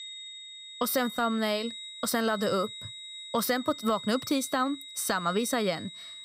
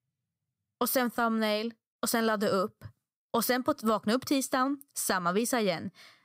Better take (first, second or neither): second